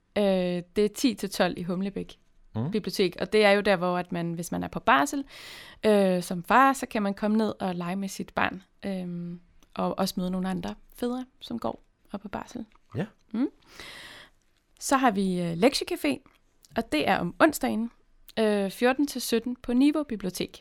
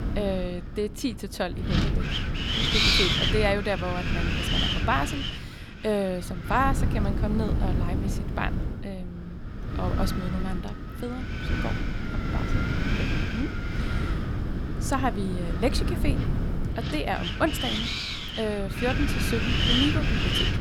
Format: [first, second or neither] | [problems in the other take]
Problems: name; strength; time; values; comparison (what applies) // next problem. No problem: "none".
first | wind noise on the microphone; heavy; 1 dB above the speech